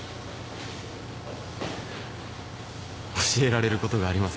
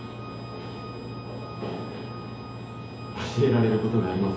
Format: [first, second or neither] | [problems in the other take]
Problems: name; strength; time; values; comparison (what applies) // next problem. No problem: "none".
first | background sound (Organ); 19 dB below the speech // room echo; dies away in 2.2 s